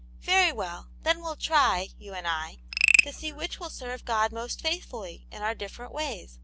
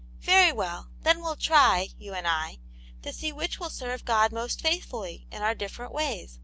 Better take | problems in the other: second | background sound (Frog); 2 dB above the speech

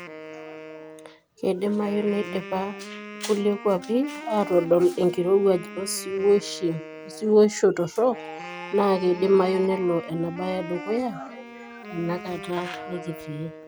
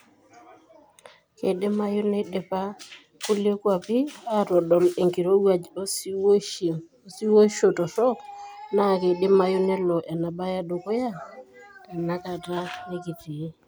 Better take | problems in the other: second | background sound (Wind instrument, woodwind instrument); 15 dB below the speech

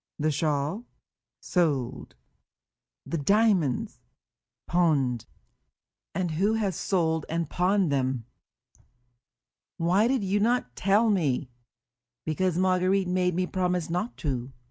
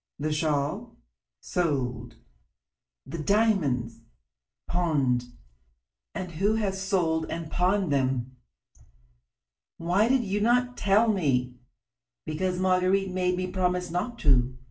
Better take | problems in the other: first | room echo; dies away in 0.3 s

